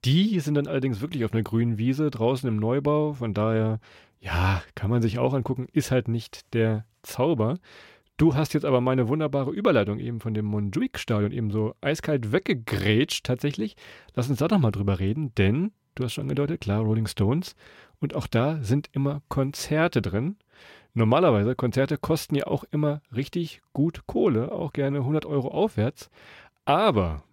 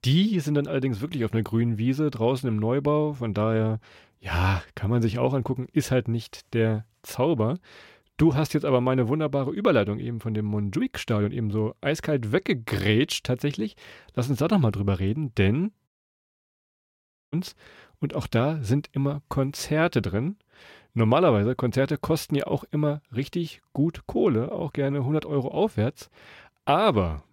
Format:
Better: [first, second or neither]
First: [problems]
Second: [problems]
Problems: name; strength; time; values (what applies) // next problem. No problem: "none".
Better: first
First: none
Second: audio cutting out; at 16 s for 1.5 s